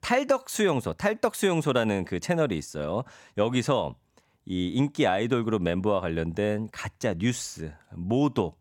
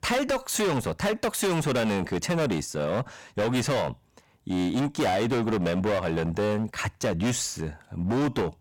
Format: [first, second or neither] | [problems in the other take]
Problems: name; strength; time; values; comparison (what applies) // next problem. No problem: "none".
first | distortion; heavy; 22% of the sound clipped